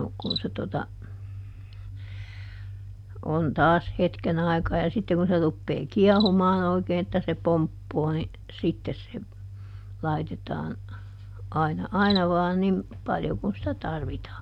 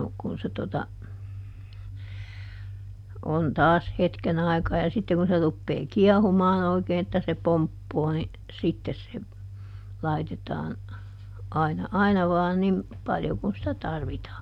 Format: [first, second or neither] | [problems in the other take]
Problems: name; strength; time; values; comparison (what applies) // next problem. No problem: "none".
second | background sound (Cricket); 19 dB below the speech